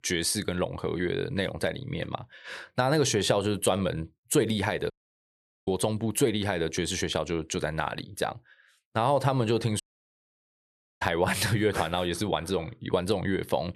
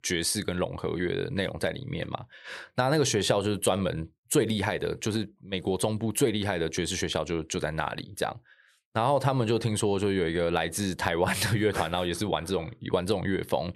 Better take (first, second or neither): second